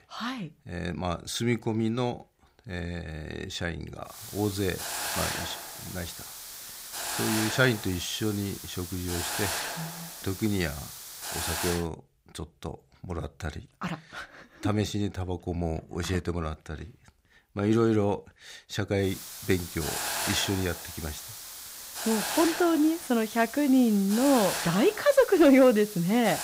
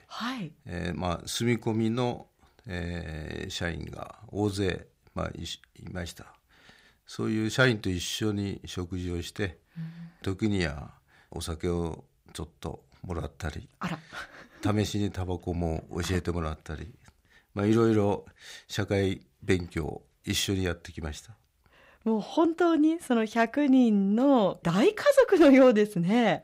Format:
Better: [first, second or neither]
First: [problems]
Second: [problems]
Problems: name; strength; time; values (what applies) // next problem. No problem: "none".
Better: second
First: hiss; loud; from 4 to 12 s and from 19 s on; 6 dB below the speech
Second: none